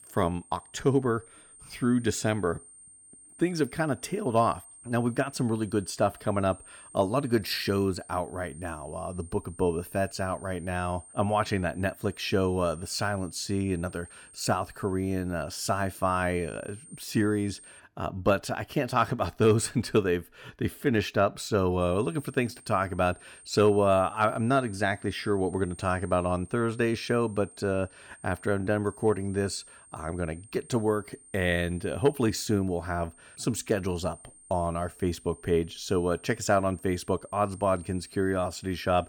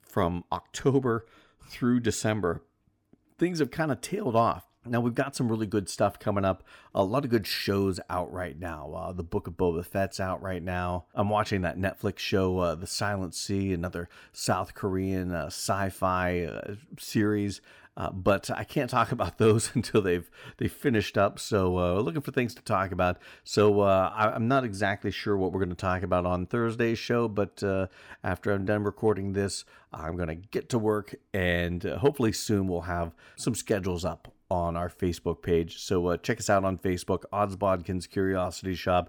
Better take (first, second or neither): second